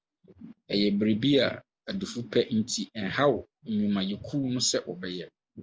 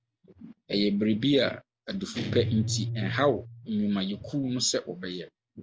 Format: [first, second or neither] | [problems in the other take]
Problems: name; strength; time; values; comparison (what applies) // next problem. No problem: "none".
first | background sound (Guitar); 9 dB below the speech